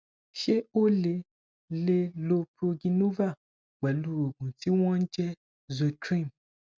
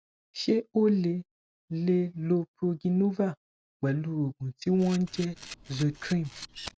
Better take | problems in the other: first | background sound (Camera); 16 dB below the speech

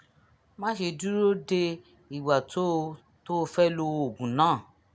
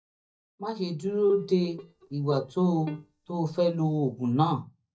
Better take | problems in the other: first | noise reduction (neural mask model DeepFilterNet 3)

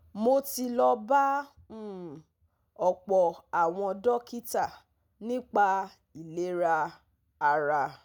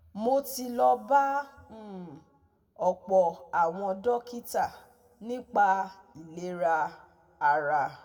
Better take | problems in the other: first | room echo; dies away in 1.9 s

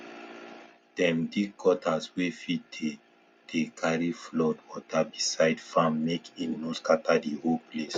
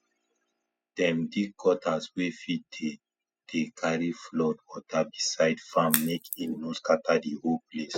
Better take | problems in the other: first | noise reduction (classical method spectral subtraction)

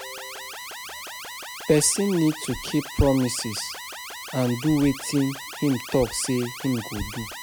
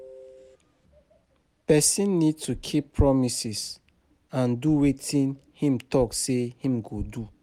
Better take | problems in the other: second | background sound (Alarm); 12 dB below the speech

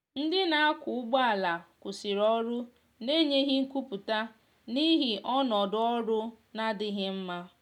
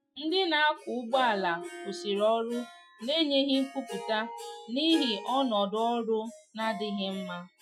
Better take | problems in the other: first | noise reduction (classical method Wiener filter)

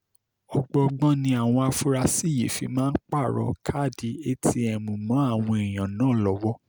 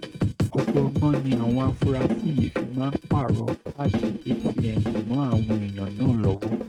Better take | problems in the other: first | noise reduction (neural mask model RNNoise)

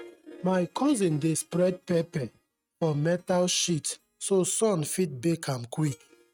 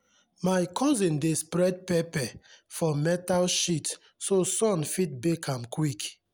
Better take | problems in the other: second | noise reduction (neural mask model RNNoise)

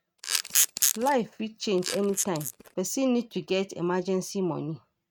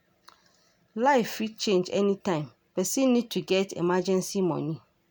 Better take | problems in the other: second | noise reduction (neural mask model RNNoise)

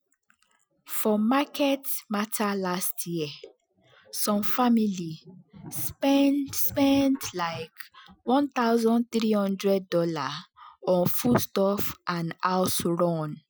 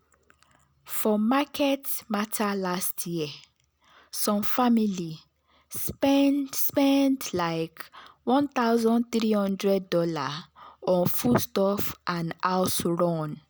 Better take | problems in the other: second | noise reduction (classical method Wiener filter)

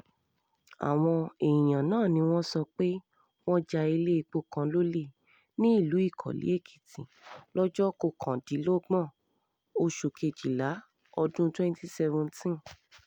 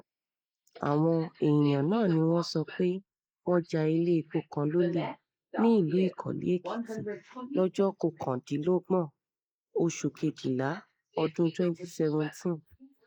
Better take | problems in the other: first | noise reduction (neural mask model Resemble Enhance denoiser)

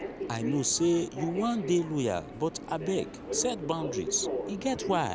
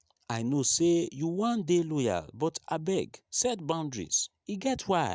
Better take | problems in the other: second | background sound (Subway, metro, underground); 7 dB below the speech

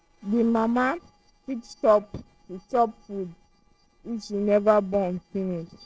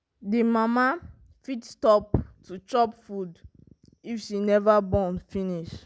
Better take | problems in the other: second | noise reduction (neural separator model SepFormer DNS4)

